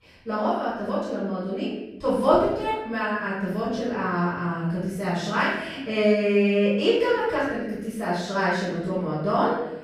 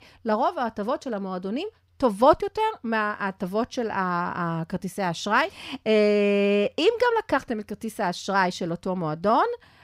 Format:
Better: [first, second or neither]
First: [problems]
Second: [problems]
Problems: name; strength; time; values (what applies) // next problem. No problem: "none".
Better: second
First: room echo; strong; dies away in 0.9 s // off-mic speech; far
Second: none